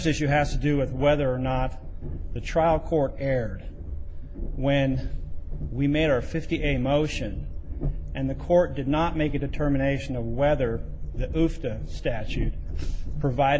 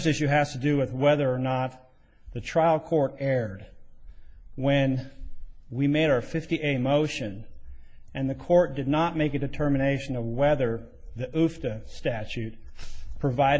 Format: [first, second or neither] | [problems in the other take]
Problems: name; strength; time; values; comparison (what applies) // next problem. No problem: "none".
second | background sound (Train); 5 dB below the speech